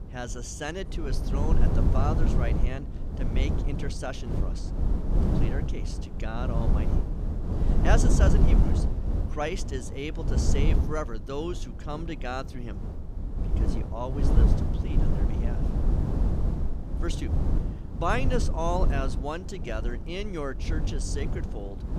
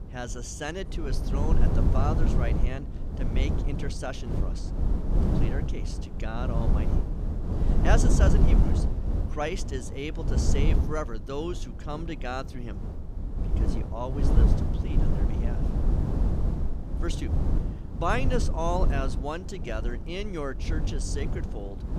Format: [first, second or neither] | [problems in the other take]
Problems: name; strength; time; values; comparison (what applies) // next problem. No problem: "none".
neither | wind noise on the microphone; heavy; 5 dB below the speech; the same in both